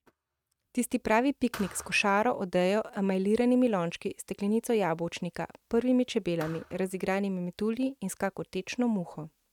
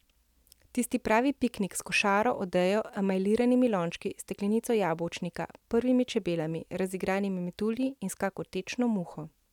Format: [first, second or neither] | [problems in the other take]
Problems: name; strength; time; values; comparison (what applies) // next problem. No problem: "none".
second | noise reduction (neural mask model RNNoise)